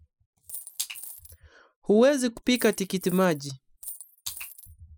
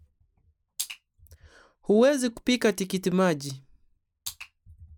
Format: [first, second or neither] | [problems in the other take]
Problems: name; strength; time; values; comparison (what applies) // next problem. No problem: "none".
second | noise reduction (classical method spectral subtraction)